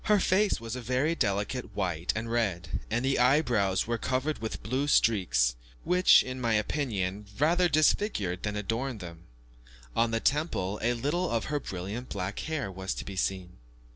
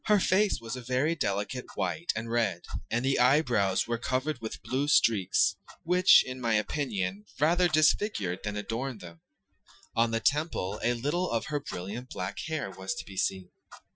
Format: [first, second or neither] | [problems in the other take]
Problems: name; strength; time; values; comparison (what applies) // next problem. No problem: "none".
first | noise reduction (classical method Wiener filter)